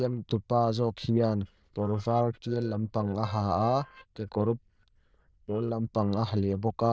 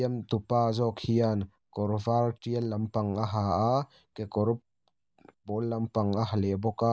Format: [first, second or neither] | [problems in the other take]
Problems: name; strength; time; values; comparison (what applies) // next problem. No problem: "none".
second | noise reduction (neural diffusion model UNIVERSE++)